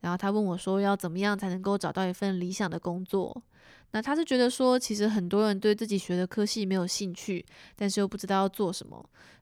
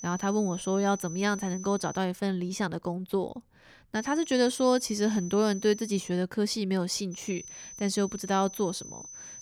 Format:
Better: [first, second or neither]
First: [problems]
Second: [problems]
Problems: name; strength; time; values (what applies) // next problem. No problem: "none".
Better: first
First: none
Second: high-pitched whine; noticeable; until 2 s, from 4 to 6 s and from 7 s on; 6 kHz, 15 dB below the speech